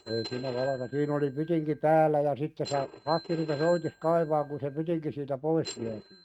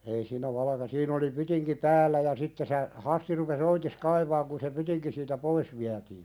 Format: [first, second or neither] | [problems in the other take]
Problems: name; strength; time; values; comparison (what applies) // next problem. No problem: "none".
second | noise reduction (neural mask model RNNoise)